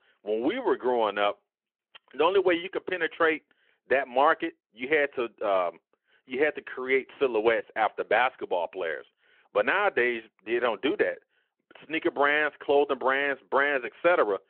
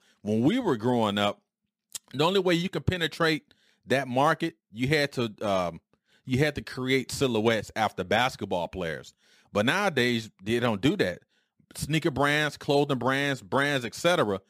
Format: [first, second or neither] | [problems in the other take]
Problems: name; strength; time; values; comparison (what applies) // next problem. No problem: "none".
second | phone-call audio